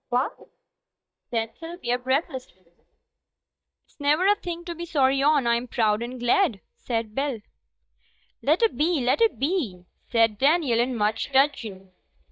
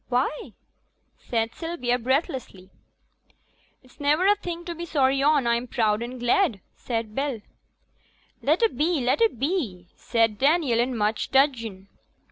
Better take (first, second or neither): second